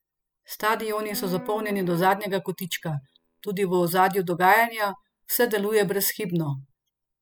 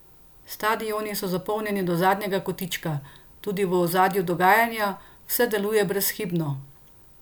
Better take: second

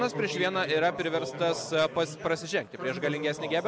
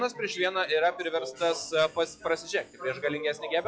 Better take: first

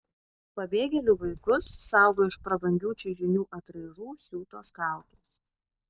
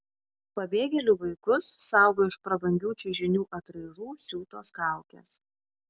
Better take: second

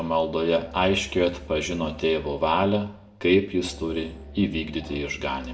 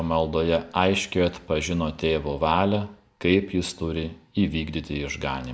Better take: second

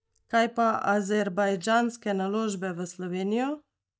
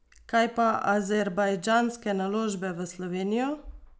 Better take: second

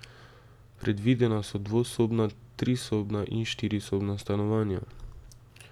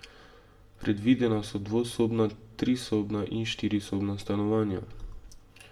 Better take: first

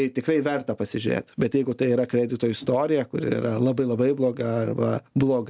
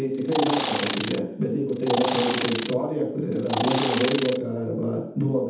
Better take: first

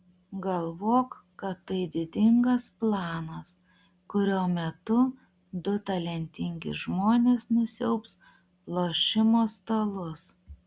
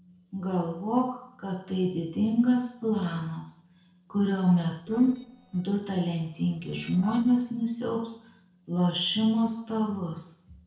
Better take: first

